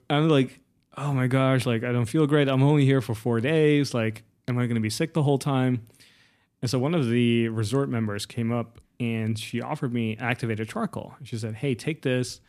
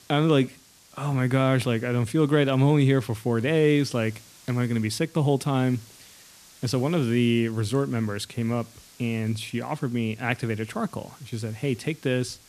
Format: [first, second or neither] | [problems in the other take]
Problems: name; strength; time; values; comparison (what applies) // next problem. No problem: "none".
first | hiss; faint; throughout; 25 dB below the speech